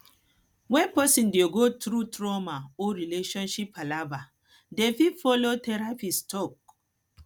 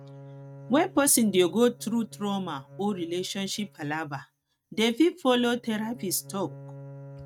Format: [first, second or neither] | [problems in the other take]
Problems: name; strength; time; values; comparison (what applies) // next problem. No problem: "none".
first | noise reduction (neural mask model RNNoise)